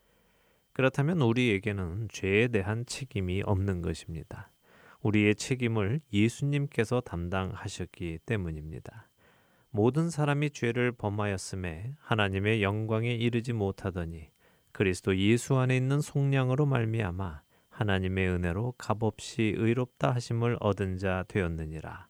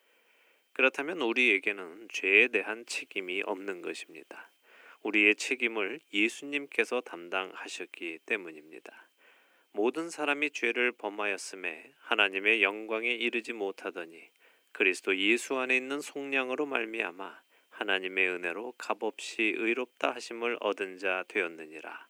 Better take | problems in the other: first | thin; somewhat; fading below 300 Hz

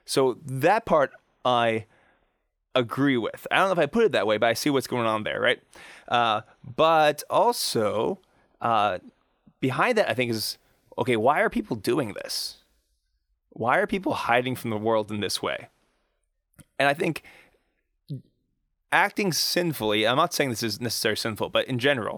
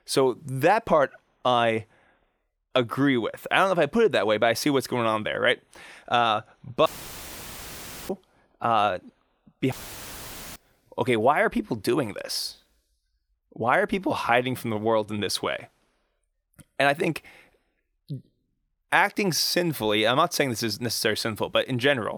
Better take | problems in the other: first | audio cutting out; filled with static; at 7 s for 1 s and at 9.5 s for 1 s

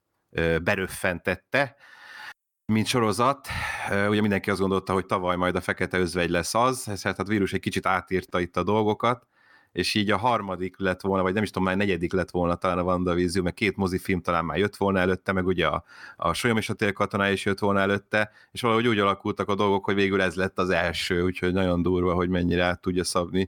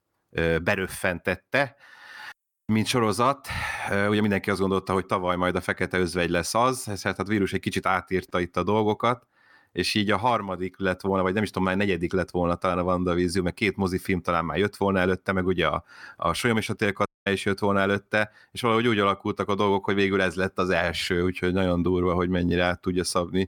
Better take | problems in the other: first | audio cutting out; at 17 s

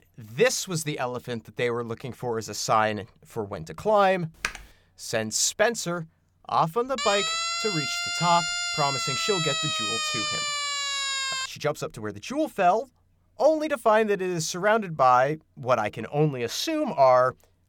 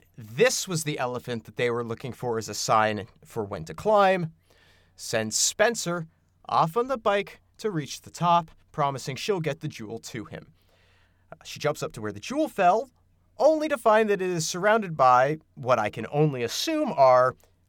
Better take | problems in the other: second | keyboard typing; noticeable; at 4.5 s; peak 7 dB below the speech // siren; loud; from 7 to 11 s; peak level with the speech

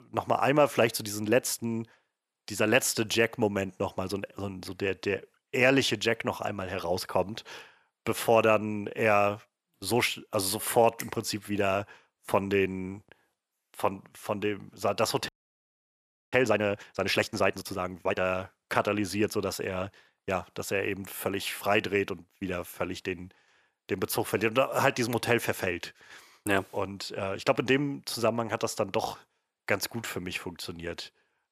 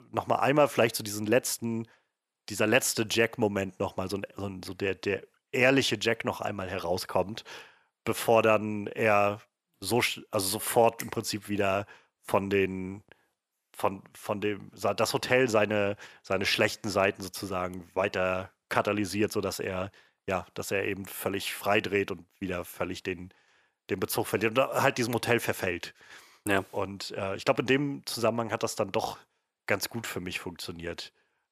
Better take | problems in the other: second | audio freezing; at 15 s for 1 s

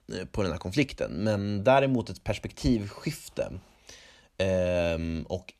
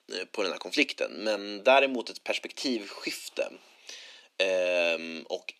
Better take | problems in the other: first | thin; somewhat; fading below 300 Hz

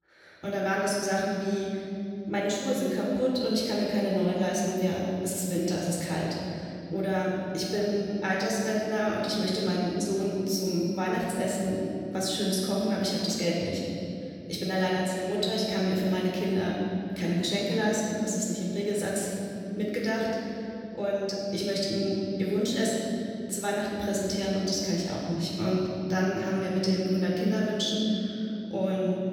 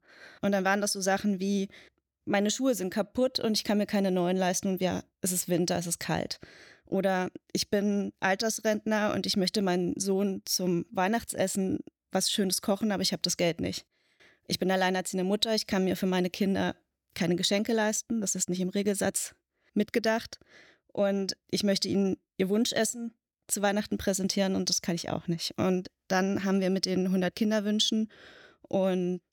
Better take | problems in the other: second | off-mic speech; far // room echo; strong; dies away in 3 s

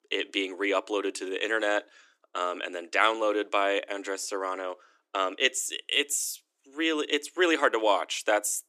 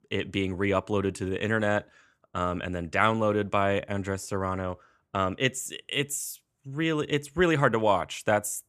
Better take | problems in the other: second | thin; somewhat; fading below 300 Hz

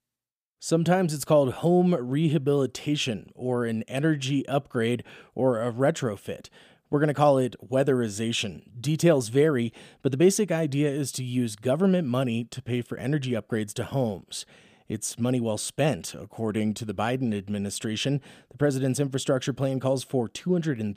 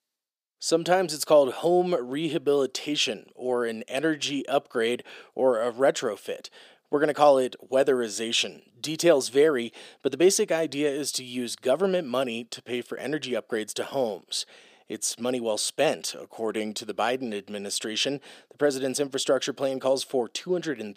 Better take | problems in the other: first | thin; somewhat; fading below 400 Hz

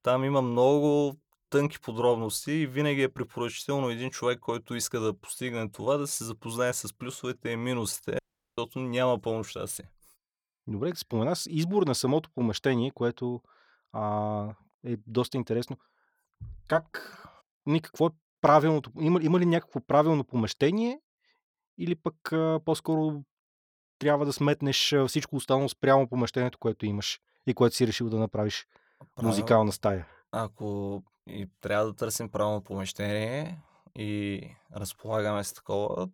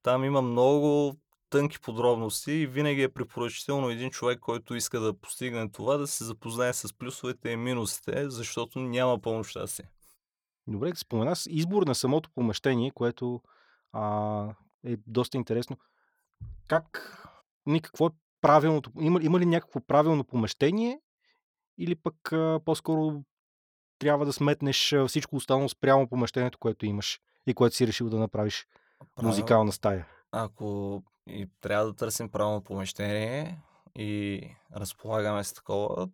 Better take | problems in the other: second | audio cutting out; at 8 s

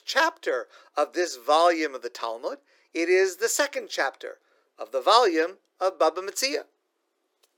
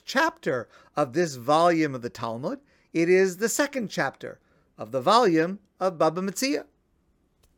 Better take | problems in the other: second | thin; very; fading below 350 Hz

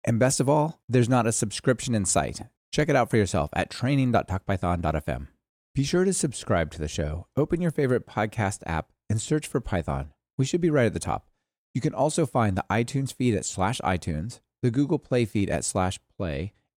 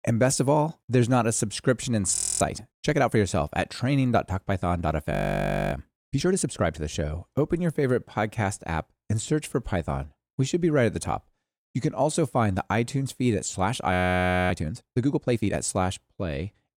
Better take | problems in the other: first | audio freezing; at 2 s, at 5 s for 0.5 s and at 14 s for 0.5 s

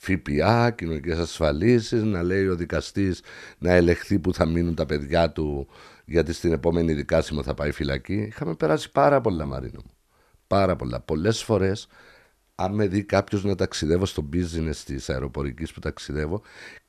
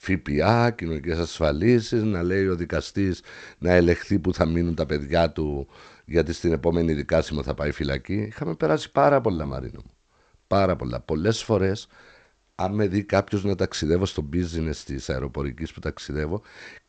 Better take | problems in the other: first | garbled, watery; slightly; nothing above 8 kHz

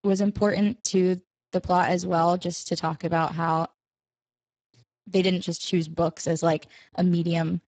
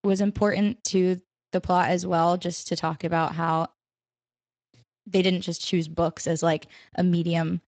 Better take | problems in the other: second | garbled, watery; badly; nothing above 7.5 kHz; slightly in the second

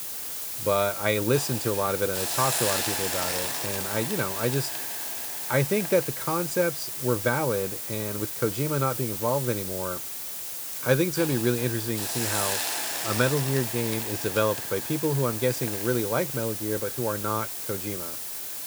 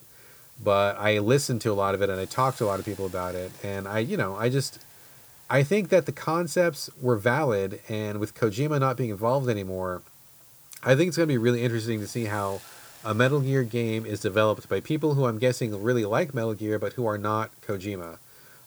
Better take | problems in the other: second | hiss; loud; throughout; 1 dB below the speech; faint in the second

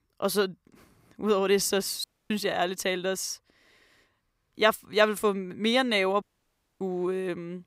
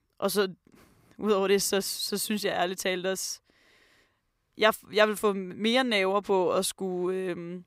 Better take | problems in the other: second | audio cutting out; at 2 s and at 6 s for 0.5 s

